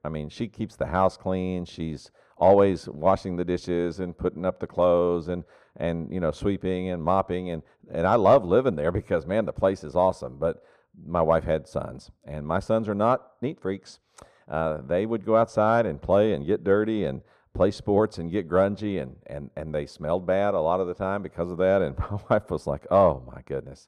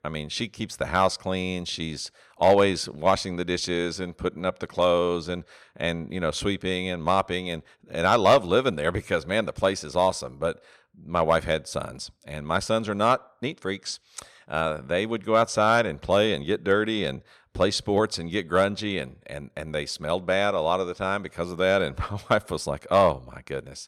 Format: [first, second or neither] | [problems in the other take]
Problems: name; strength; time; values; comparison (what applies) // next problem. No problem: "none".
second | muffled; slightly; fading above 1.5 kHz